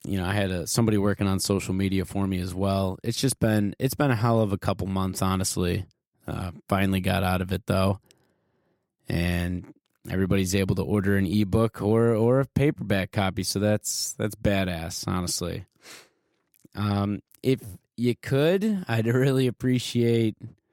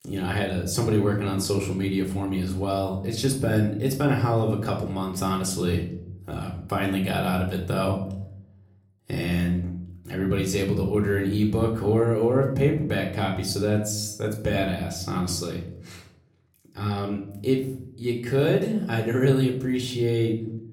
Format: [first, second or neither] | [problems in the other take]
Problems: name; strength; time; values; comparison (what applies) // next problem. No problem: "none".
first | room echo; slight; dies away in 0.6 s // off-mic speech; somewhat distant